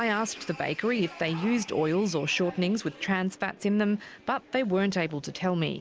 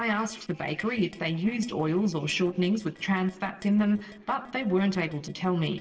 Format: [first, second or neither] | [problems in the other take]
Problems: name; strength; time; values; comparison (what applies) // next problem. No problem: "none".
first | noise reduction (neural separator model SepFormer DNS4)